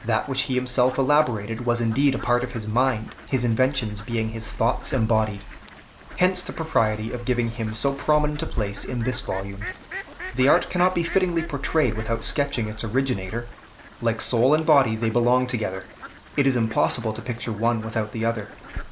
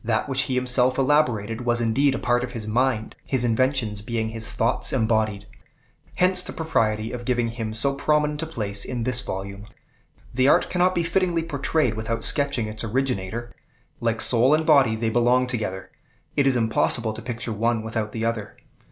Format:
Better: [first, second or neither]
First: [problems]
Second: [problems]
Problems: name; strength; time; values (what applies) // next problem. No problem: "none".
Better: second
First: background sound (Fowl); 14 dB below the speech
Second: none